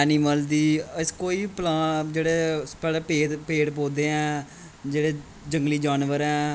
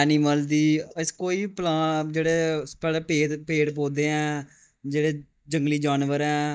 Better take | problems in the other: first | noise reduction (neural mask model DeepFilterNet 3)

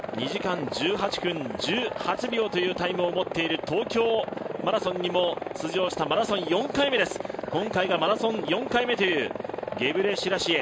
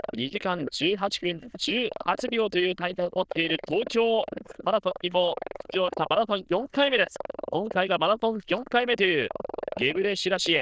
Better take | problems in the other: first | noise reduction (neural diffusion model UNIVERSE++)

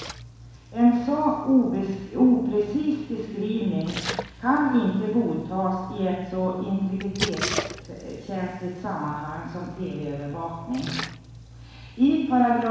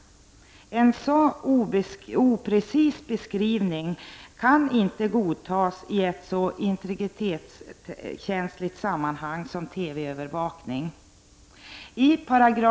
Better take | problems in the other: second | background sound (Splash, splatter); 12 dB below the speech // room echo; dies away in 1.1 s

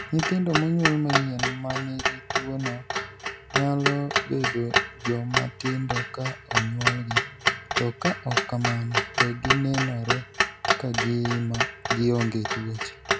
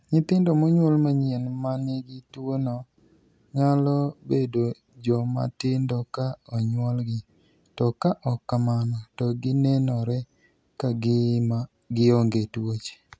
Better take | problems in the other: second | background sound (Clock); as loud as the speech

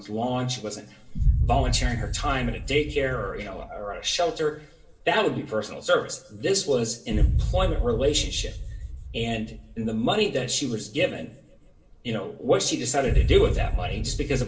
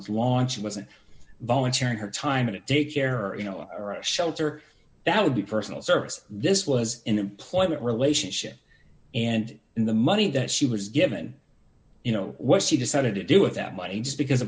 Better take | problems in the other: second | background sound (Boom); 2 dB below the speech // room echo; dies away in 0.8 s

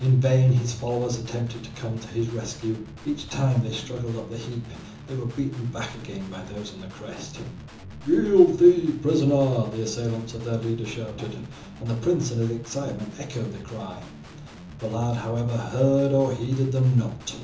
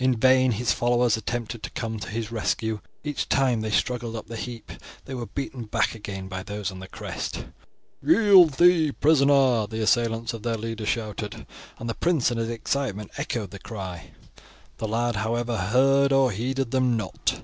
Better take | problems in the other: second | background sound (Guitar); 17 dB below the speech // room echo; dies away in 0.7 s

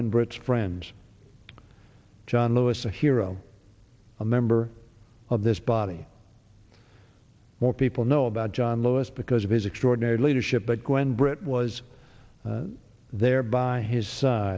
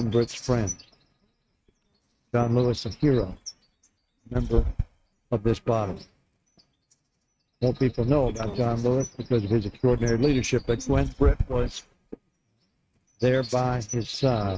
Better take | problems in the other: first | noise reduction (neural mask model RNNoise)

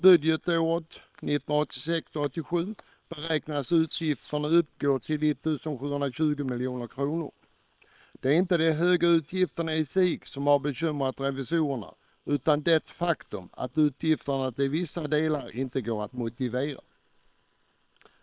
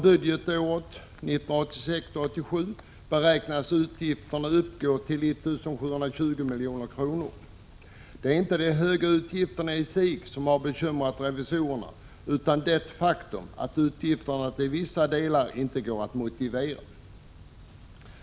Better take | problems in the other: second | noise reduction (neural separator model SepFormer WHAM!)

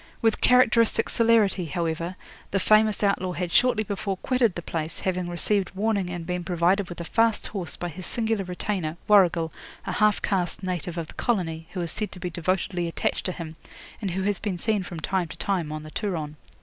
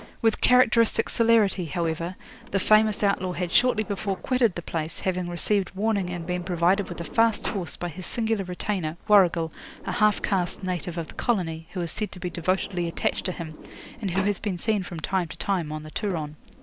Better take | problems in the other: first | background sound (Sliding door); 18 dB below the speech

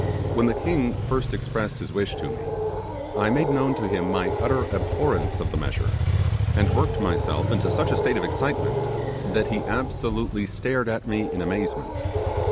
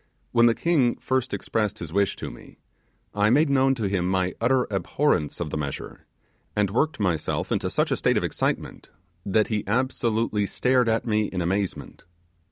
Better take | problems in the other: second | background sound (Animal + Motorcycle); 1 dB above the speech

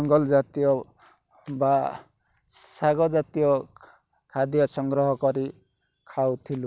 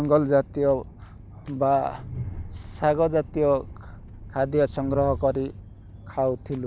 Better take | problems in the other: first | background sound (Train); 13 dB below the speech

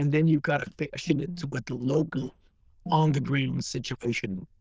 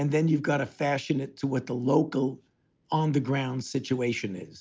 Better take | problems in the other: second | noise reduction (neural diffusion model UNIVERSE++)

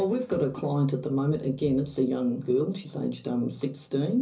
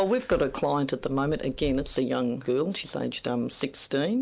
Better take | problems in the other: second | room echo; dies away in 0.5 s

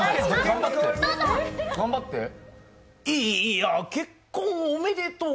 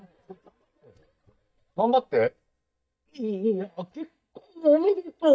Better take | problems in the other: first | noise reduction (neural mask model DeepFilterNet 3)

